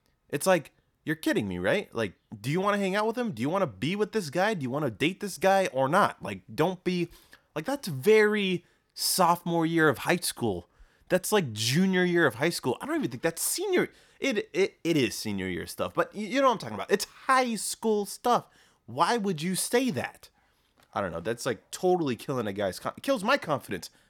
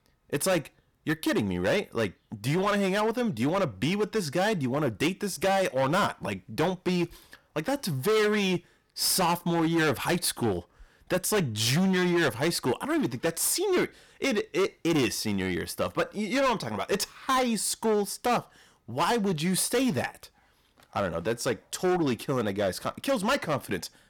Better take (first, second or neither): first